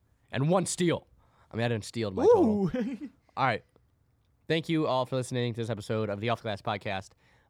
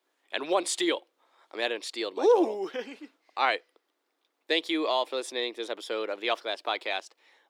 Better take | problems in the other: first | thin; very; fading below 300 Hz

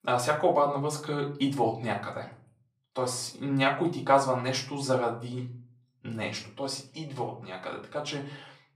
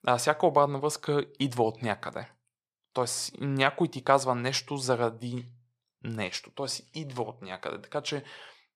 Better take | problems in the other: second | off-mic speech; far // room echo; slight; dies away in 0.4 s

